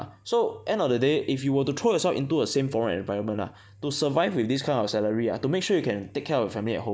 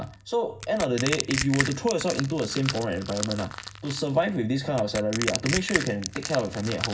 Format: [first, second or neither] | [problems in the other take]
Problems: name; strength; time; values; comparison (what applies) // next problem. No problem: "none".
first | background sound (Crushing); 7 dB below the speech // room echo; dies away in 0.4 s